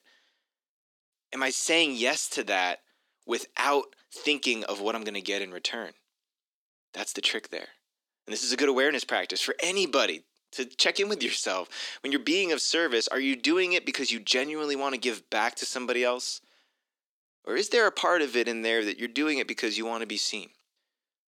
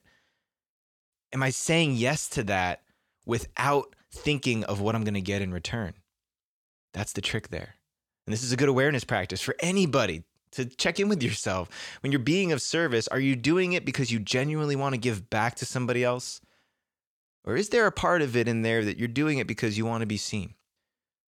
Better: second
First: thin; somewhat; fading below 250 Hz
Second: none

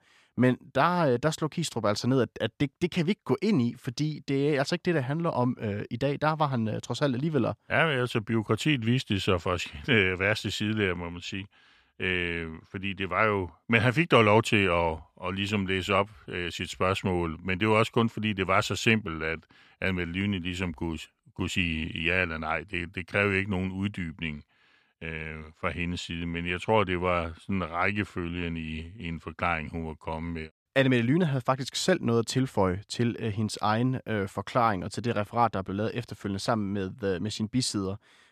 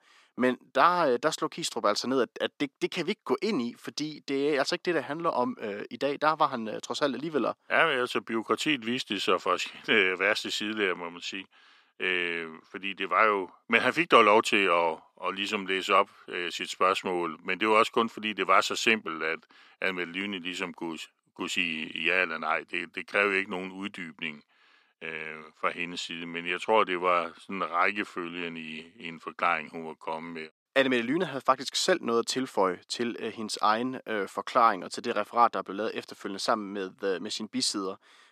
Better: first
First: none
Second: thin; somewhat; fading below 250 Hz

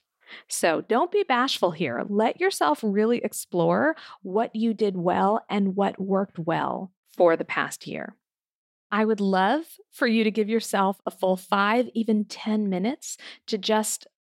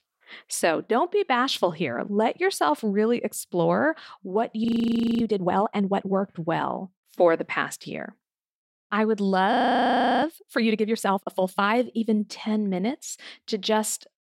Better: first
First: none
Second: audio freezing; at 4.5 s for 0.5 s and at 9.5 s for 0.5 s

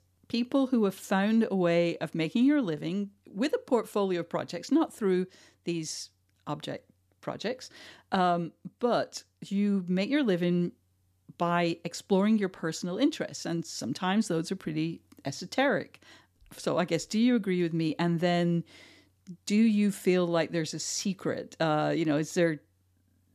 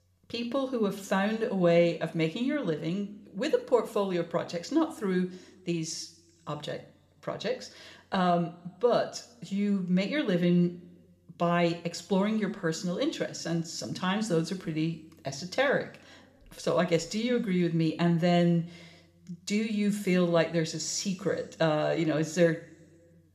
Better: first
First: none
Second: room echo; slight; dies away in 0.7 s

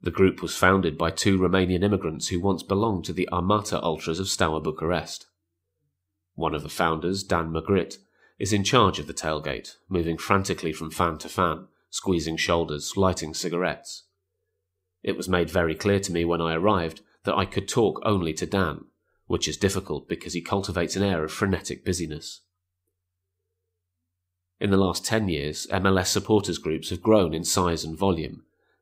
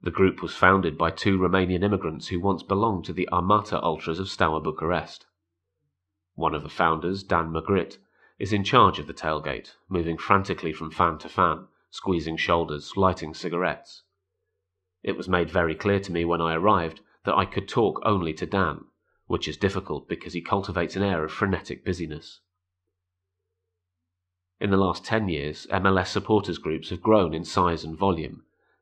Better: first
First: none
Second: muffled; slightly; fading above 3 kHz

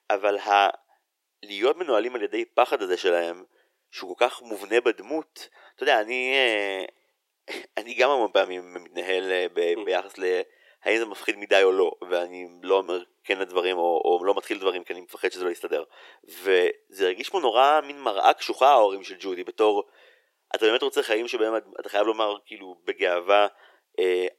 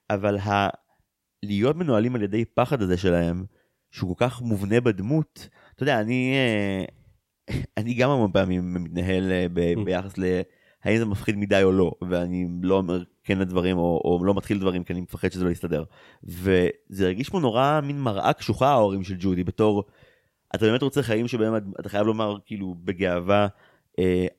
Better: second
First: thin; very; fading below 350 Hz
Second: none

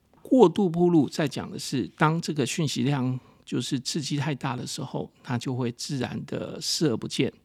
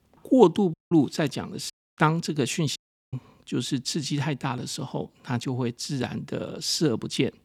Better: first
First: none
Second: audio cutting out; at 0.5 s, at 1.5 s and at 3 s

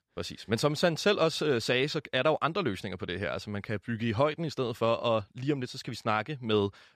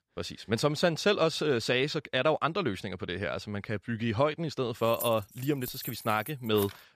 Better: first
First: none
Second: jangling keys; noticeable; from 5 s on; peak 8 dB below the speech

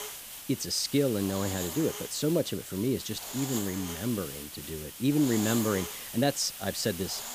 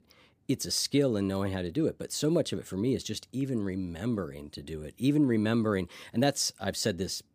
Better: second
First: hiss; loud; throughout; 7 dB below the speech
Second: none

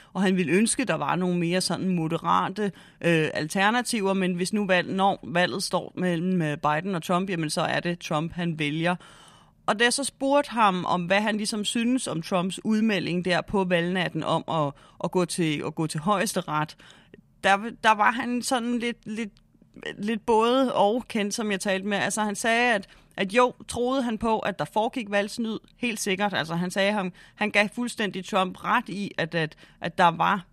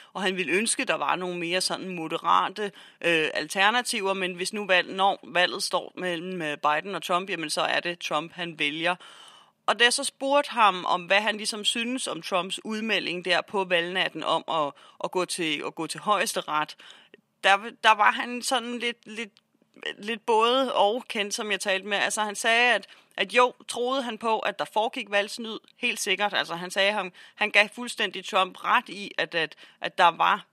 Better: first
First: none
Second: thin; somewhat; fading below 350 Hz

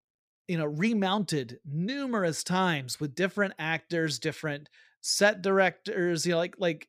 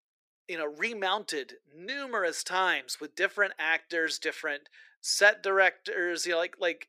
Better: first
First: none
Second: thin; very; fading below 350 Hz

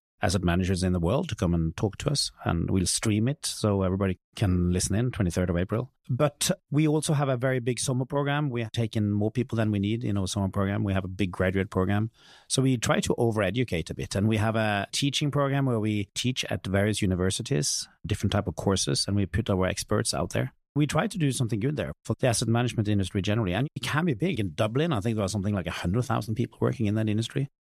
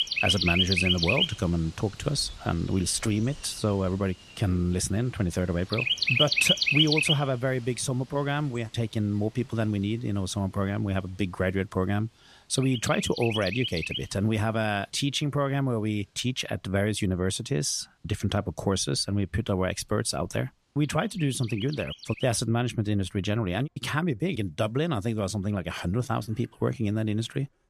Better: first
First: none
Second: animal sounds; very loud; throughout; 2 dB above the speech

